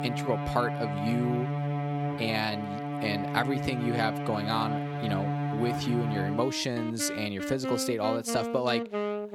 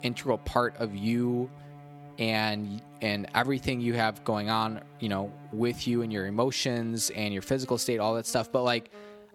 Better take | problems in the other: second | background music; loud; throughout; 2 dB below the speech; faint in the second

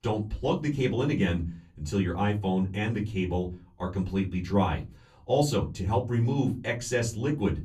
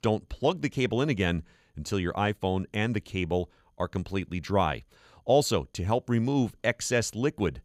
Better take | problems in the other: second | off-mic speech; far // room echo; very slight; dies away in 0.3 s

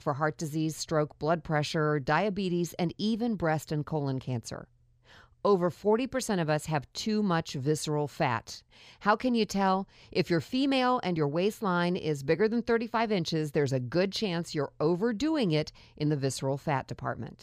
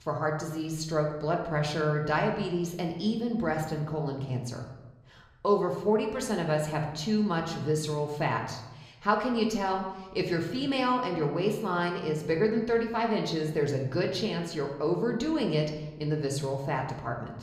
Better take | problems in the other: first | room echo; slight; dies away in 0.8 s // off-mic speech; somewhat distant

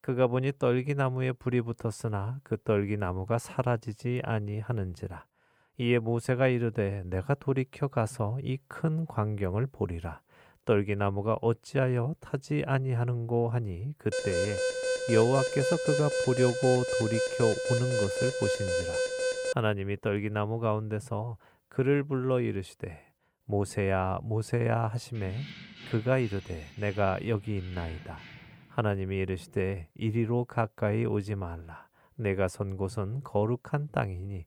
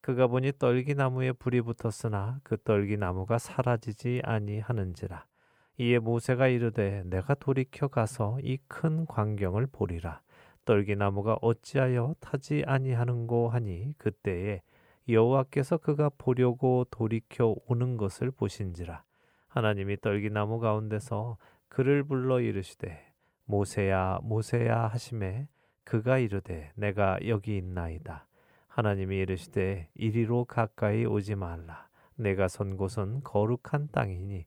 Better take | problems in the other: second | alarm; loud; from 14 to 20 s; peak 1 dB above the speech // jangling keys; faint; from 25 to 29 s; peak 15 dB below the speech

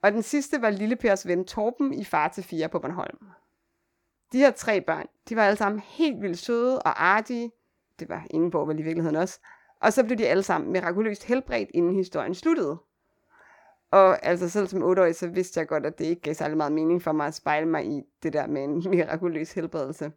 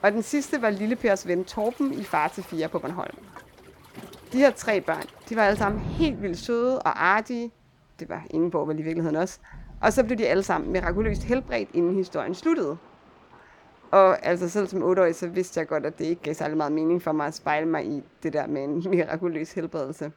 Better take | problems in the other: first | rain or running water; noticeable; throughout; 15 dB below the speech

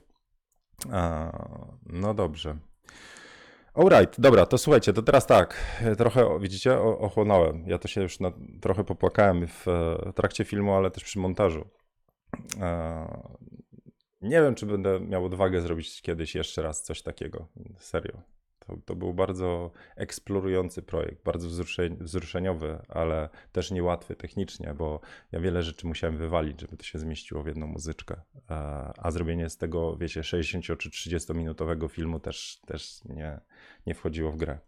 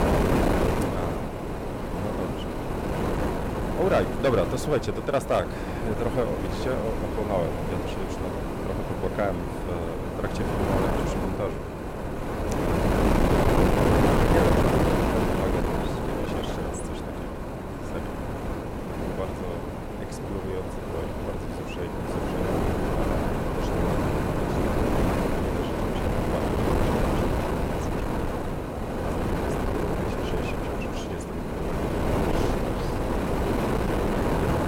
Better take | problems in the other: first | wind noise on the microphone; heavy; 4 dB above the speech

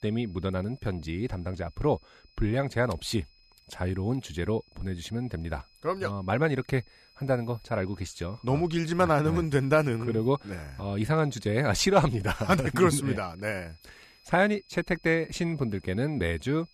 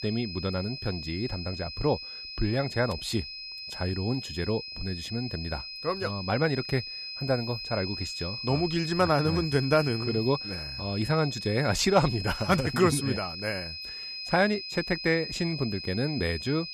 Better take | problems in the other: first | high-pitched whine; loud; throughout; 5 kHz, 7 dB below the speech; faint in the first

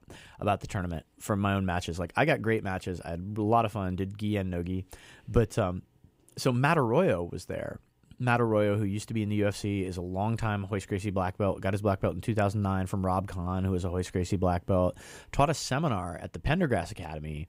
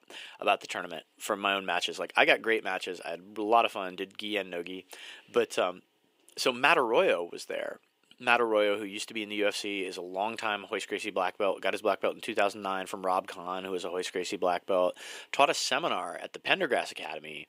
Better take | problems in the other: first | thin; very; fading below 350 Hz

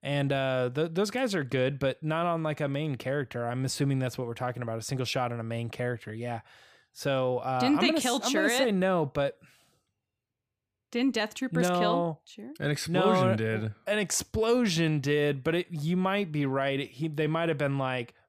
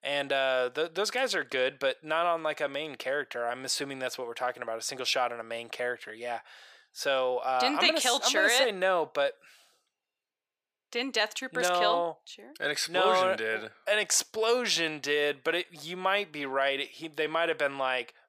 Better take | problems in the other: first | thin; very; fading below 550 Hz

